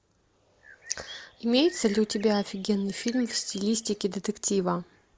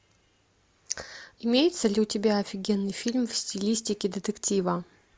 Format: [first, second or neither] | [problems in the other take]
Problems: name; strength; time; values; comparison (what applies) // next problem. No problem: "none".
second | noise reduction (neural mask model Resemble Enhance denoiser)